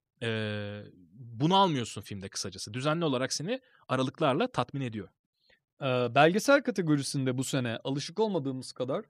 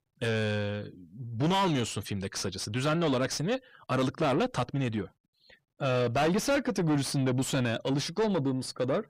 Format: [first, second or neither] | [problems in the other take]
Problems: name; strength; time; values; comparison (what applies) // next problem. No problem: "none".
first | distortion; heavy; 6 dB below the speech